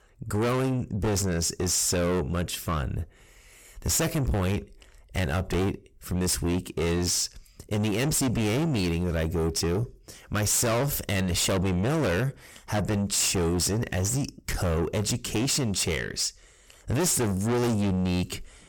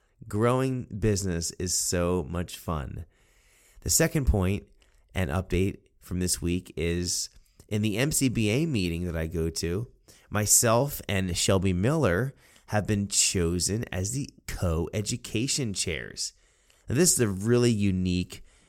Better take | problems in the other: second | distortion; heavy; 5 dB below the speech

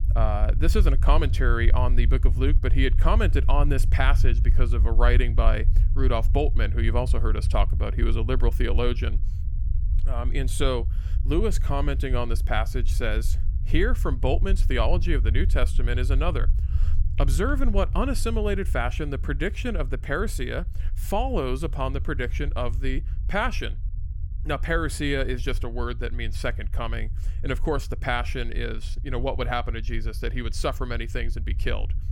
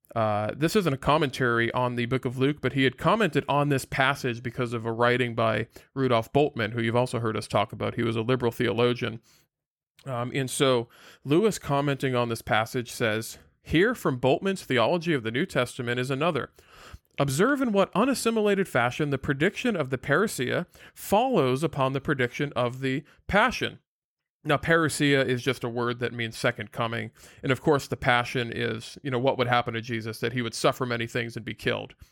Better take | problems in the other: second | low rumble; noticeable; throughout; 15 dB below the speech

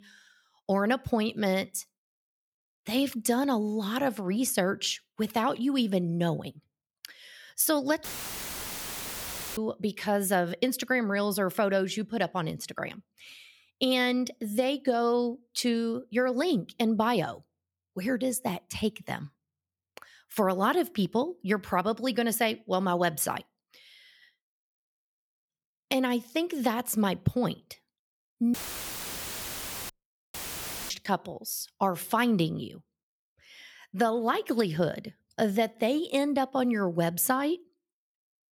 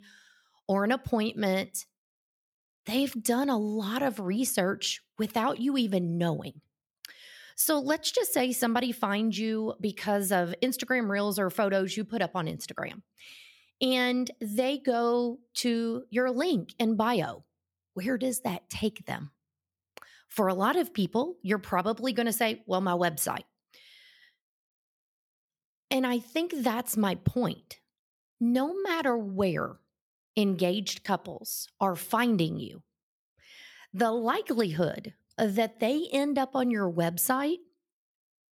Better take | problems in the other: second | audio cutting out; filled with static; at 8 s for 1.5 s, at 29 s for 1.5 s and at 30 s for 0.5 s

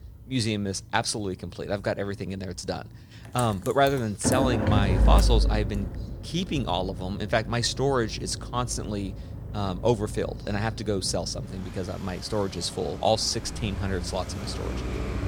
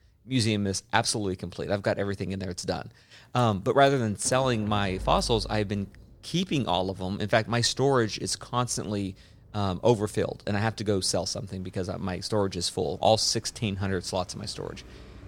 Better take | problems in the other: second | traffic noise; loud; throughout; 3 dB below the speech; faint in the second

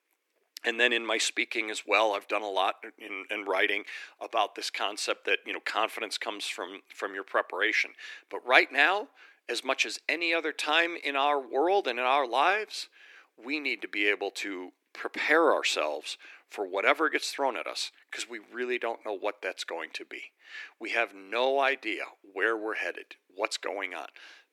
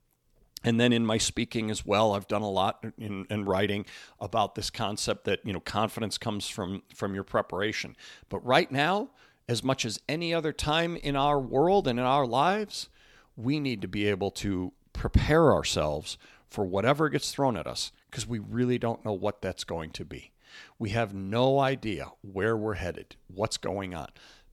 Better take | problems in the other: second | thin; very; fading below 300 Hz

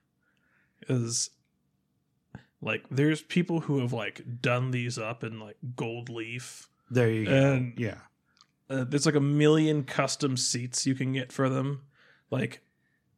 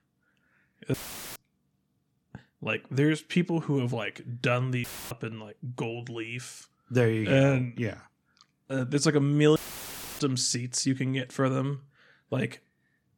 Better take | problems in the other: first | audio cutting out; filled with static; at 1 s, at 5 s and at 9.5 s for 0.5 s

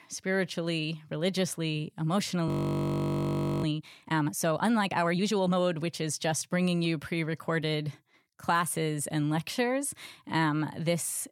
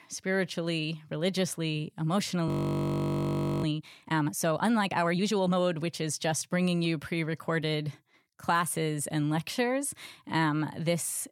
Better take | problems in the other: neither | audio freezing; at 2.5 s for 1 s; the same in both

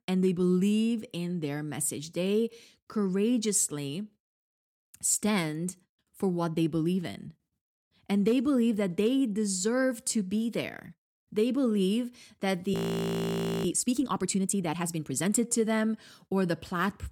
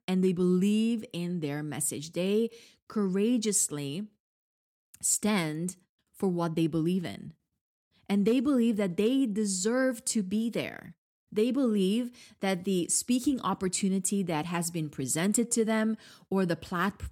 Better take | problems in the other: second | audio freezing; at 13 s for 1 s

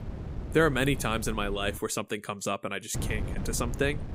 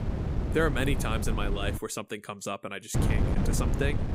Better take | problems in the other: first | wind noise on the microphone; heavy; until 2 s and from 3 s on; 6 dB below the speech; occasional gusts in the first

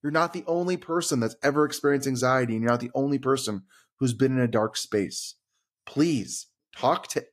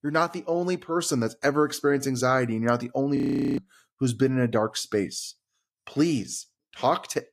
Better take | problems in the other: first | audio freezing; at 3 s

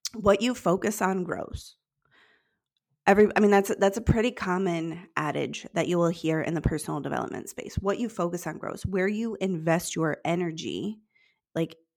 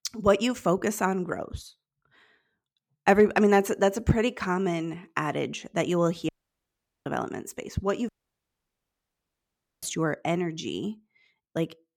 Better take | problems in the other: first | audio cutting out; at 6.5 s for 1 s and at 8 s for 1.5 s

